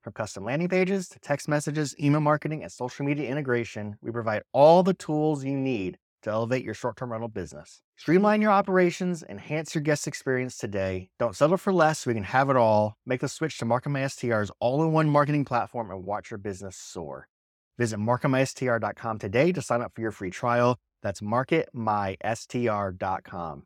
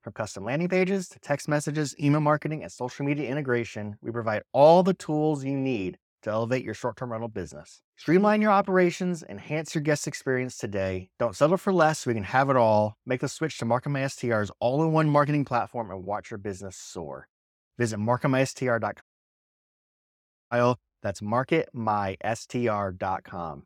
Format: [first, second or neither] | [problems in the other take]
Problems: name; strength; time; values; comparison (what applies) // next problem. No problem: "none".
first | audio cutting out; at 19 s for 1.5 s